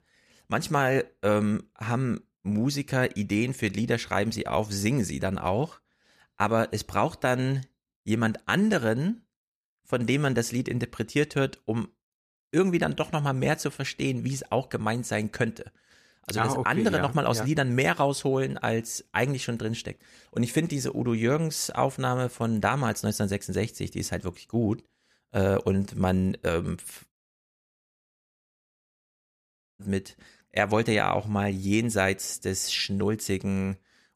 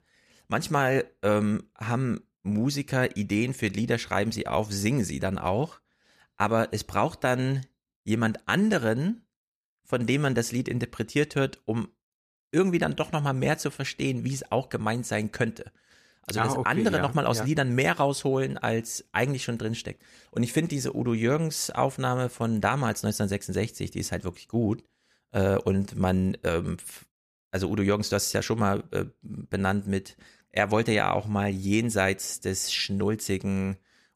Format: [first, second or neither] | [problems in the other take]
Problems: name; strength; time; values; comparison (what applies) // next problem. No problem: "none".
second | audio cutting out; at 27 s for 2.5 s